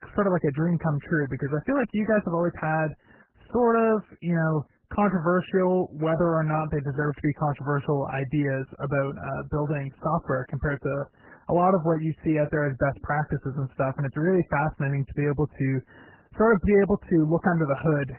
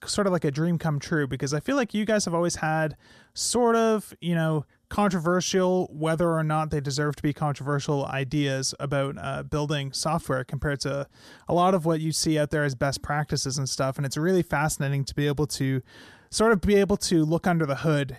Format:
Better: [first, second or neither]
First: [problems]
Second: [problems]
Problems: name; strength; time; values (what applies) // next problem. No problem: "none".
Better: second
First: garbled, watery; badly; nothing above 2.5 kHz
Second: none